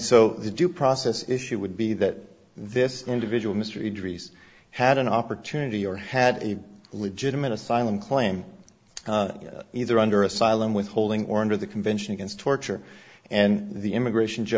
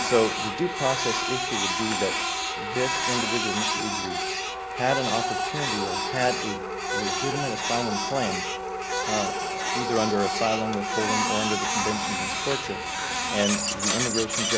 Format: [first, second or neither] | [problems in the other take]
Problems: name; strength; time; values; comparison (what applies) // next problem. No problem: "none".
first | background sound (Printer); 2 dB above the speech